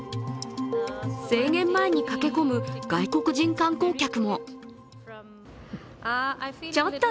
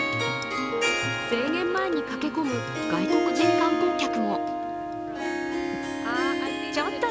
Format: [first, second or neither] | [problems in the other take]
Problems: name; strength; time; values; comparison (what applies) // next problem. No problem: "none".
first | background sound (Harp); 2 dB above the speech